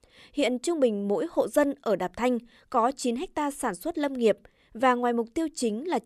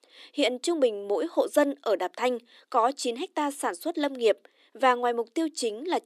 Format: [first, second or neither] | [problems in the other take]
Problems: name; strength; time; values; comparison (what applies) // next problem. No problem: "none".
first | thin; very slightly; fading below 300 Hz